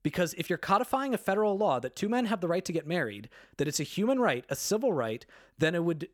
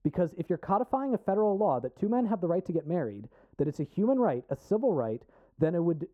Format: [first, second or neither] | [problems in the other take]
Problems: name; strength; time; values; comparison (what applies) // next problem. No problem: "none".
first | muffled; very; fading above 1.5 kHz